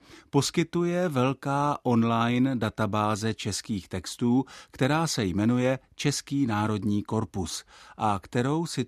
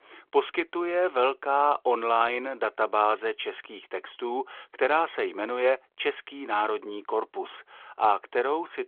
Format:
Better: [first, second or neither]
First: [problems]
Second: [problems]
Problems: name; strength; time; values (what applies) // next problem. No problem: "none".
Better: first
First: none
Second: phone-call audio